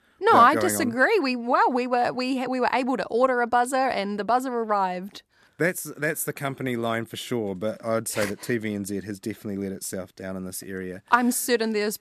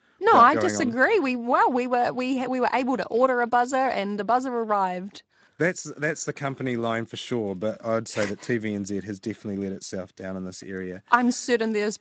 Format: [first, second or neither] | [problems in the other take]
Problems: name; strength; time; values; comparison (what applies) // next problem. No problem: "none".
first | garbled, watery; slightly; nothing above 7.5 kHz